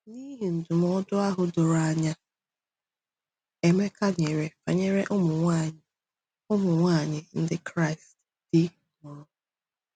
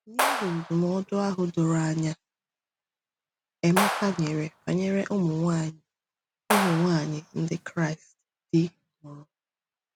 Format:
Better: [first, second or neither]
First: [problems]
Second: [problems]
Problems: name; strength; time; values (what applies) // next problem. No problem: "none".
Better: first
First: none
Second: background sound (Clapping); 3 dB below the speech